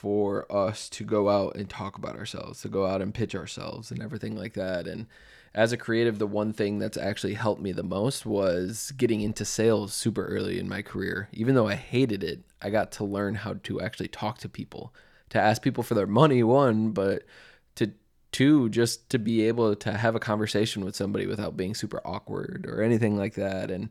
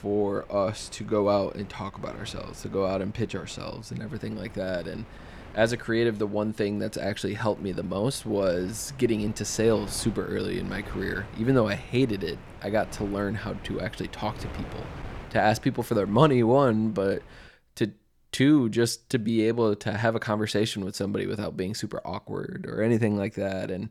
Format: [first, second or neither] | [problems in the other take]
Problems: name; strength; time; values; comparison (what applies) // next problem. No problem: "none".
first | wind noise on the microphone; occasional gusts; until 17 s; 20 dB below the speech